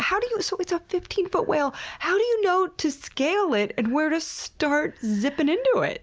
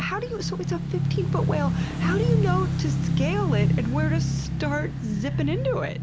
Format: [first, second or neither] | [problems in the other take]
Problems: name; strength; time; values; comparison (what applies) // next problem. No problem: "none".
first | background sound (Motorcycle / Engine); 5 dB above the speech